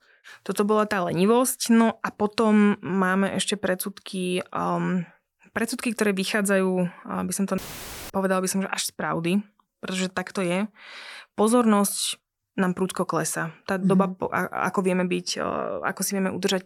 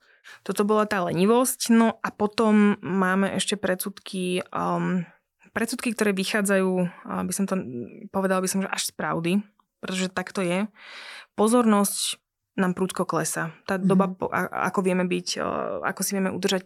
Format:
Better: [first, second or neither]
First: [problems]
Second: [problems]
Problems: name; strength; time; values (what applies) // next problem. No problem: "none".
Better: second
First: audio cutting out; filled with static; at 7.5 s for 0.5 s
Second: none